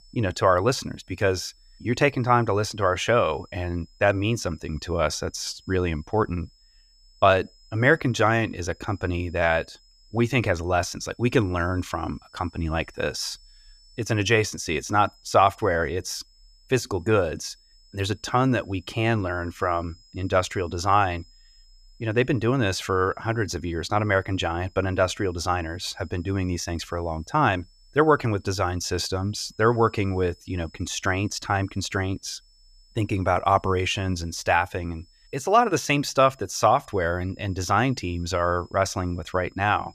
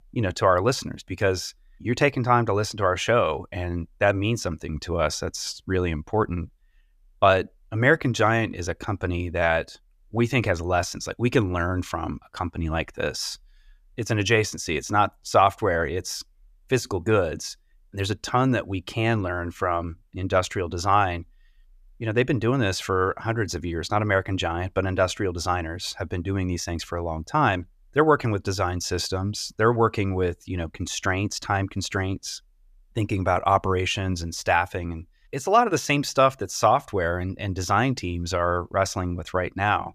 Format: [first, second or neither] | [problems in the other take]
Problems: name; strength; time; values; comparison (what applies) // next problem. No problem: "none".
second | high-pitched whine; faint; throughout; 5 kHz, 30 dB below the speech